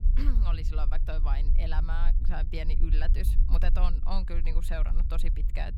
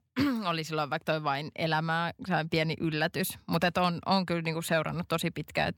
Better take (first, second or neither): second